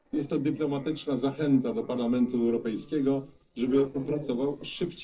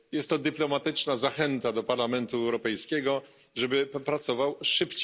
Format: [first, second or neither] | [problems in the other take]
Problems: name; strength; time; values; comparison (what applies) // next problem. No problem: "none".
second | noise reduction (neural separator model SepFormer DNS4)